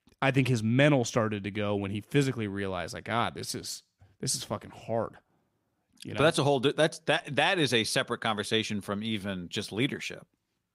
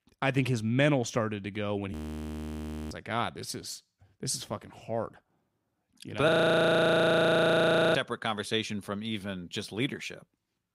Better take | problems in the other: first | audio freezing; at 2 s for 1 s and at 6.5 s for 1.5 s

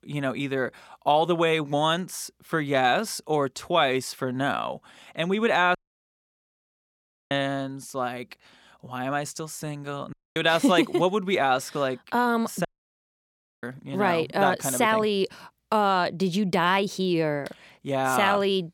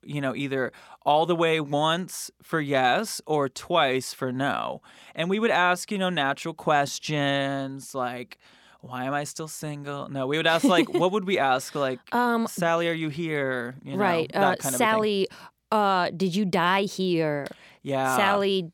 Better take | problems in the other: second | audio cutting out; at 6 s for 1.5 s, at 10 s and at 13 s for 1 s

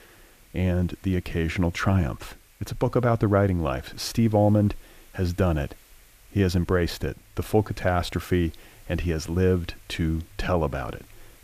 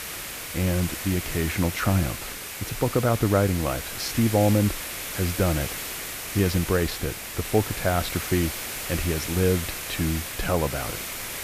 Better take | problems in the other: first | hiss; loud; throughout; 6 dB below the speech; faint in the first

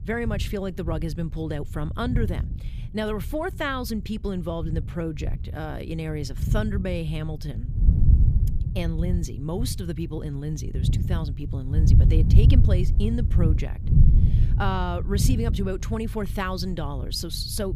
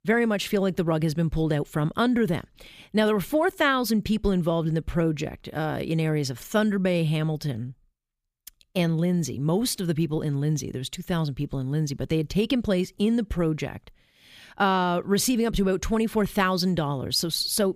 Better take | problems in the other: second | wind noise on the microphone; heavy; 7 dB below the speech

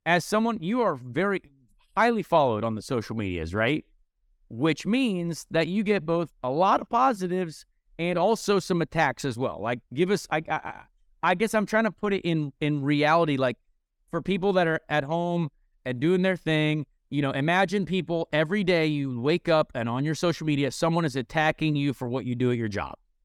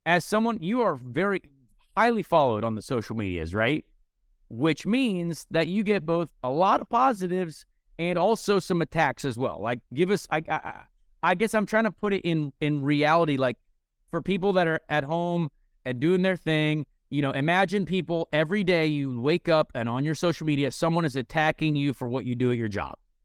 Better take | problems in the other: first | garbled, watery; slightly; nothing above 17.5 kHz

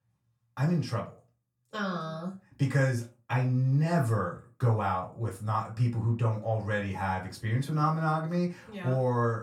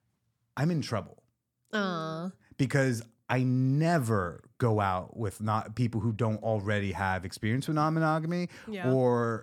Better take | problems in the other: second | off-mic speech; far // room echo; very slight; dies away in 0.2 s

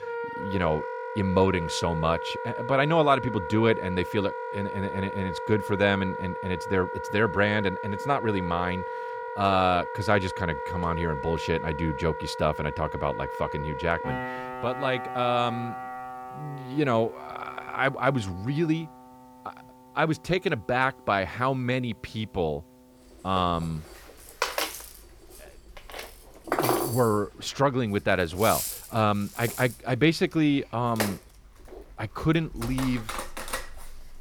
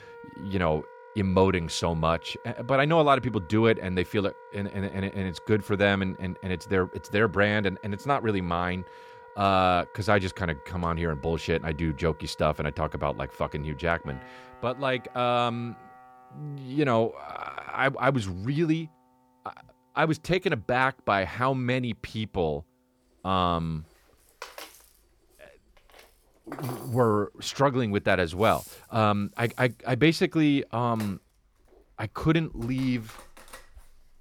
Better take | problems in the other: second | background music; loud; throughout; 7 dB below the speech; faint in the second

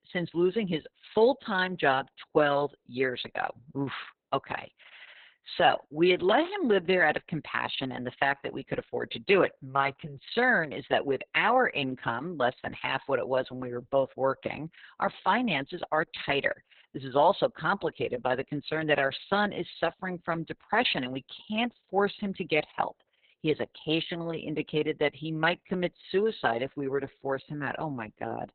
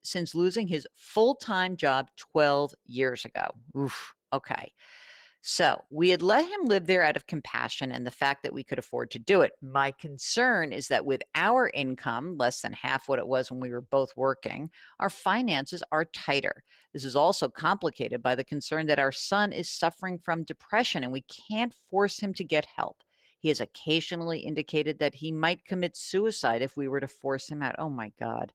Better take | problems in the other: second | garbled, watery; badly; nothing above 4 kHz; slightly in the second

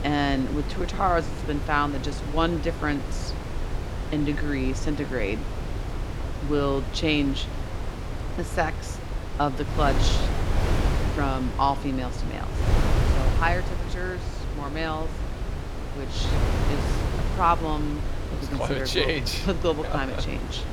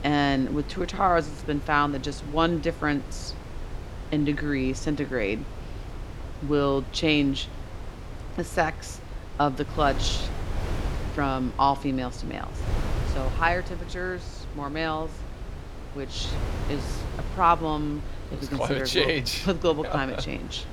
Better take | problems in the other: second | wind noise on the microphone; heavy; 8 dB below the speech; occasional gusts in the second

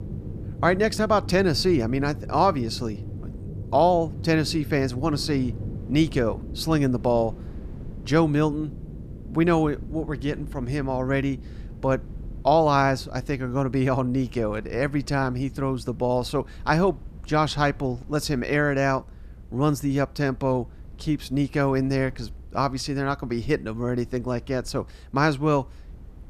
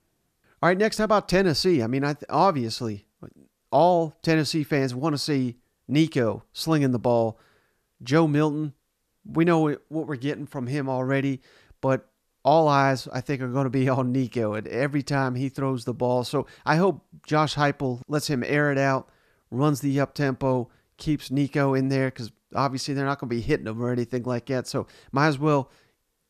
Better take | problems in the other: second | low rumble; faint; throughout; 20 dB below the speech

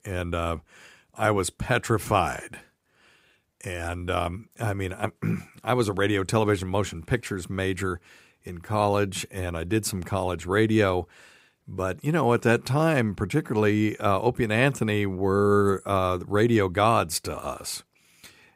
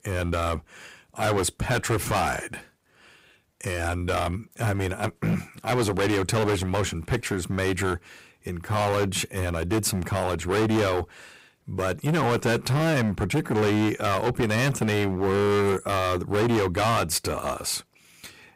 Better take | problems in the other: first | distortion; heavy; 15% of the sound clipped

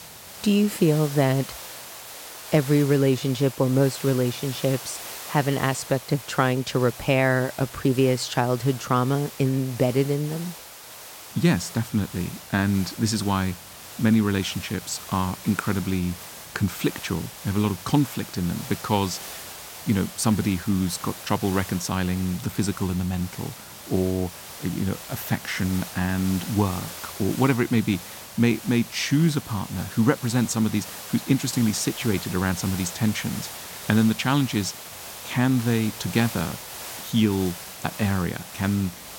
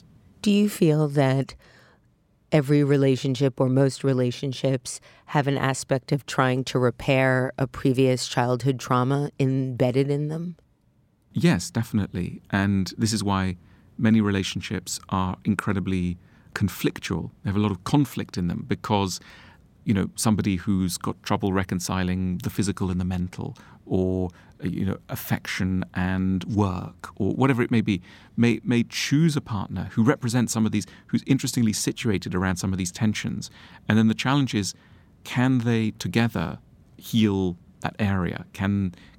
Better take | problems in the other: second | hiss; noticeable; throughout; 10 dB below the speech

